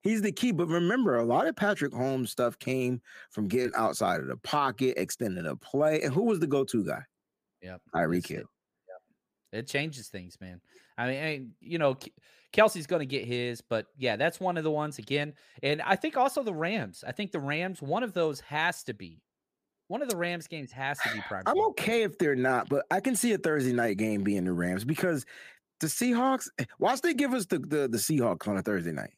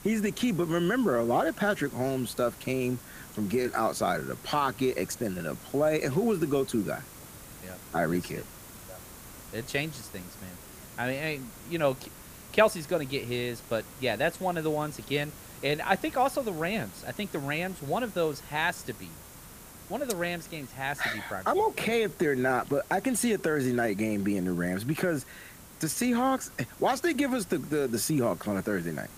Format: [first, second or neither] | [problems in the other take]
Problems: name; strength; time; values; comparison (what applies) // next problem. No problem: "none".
first | hiss; noticeable; throughout; 15 dB below the speech